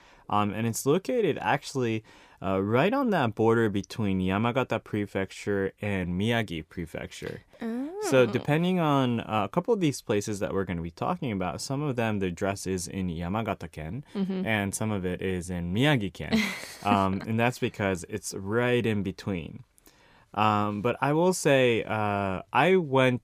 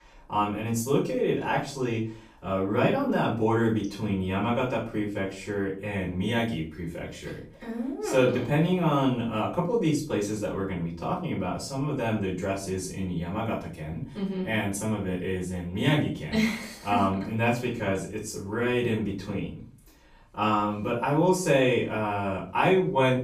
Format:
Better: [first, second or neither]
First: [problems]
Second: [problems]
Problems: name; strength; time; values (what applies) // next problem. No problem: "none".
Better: first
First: none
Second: off-mic speech; far // room echo; slight; dies away in 0.3 s